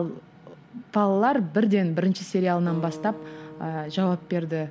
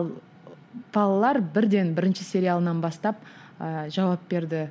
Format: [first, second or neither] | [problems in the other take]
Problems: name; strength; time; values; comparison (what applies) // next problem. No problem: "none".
second | background sound (Acoustic guitar); 18 dB below the speech